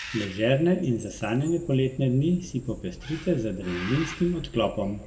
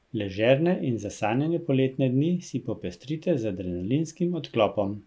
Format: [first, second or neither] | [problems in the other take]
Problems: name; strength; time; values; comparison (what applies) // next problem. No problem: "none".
second | background sound (Bird); 15 dB below the speech // room echo; dies away in 1 s